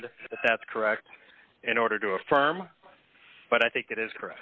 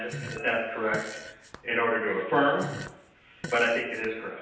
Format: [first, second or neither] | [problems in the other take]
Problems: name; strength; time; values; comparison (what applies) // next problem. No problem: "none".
first | background sound (Fart); 13 dB below the speech // room echo; dies away in 0.9 s